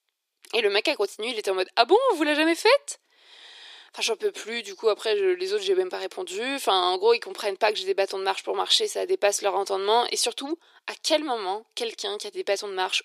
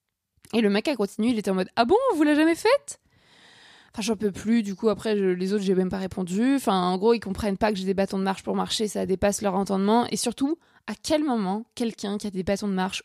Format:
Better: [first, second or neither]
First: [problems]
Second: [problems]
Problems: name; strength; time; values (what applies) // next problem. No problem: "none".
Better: second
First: thin; very; fading below 350 Hz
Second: none